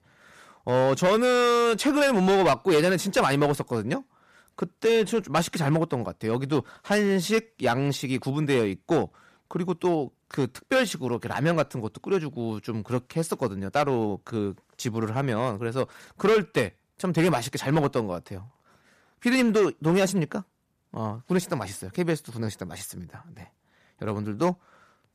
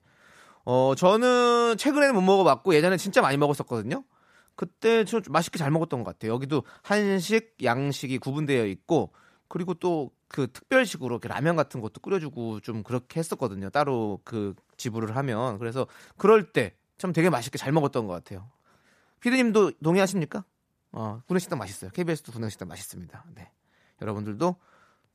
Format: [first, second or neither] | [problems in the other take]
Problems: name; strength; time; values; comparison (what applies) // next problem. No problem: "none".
second | distortion; slight; 4% of the sound clipped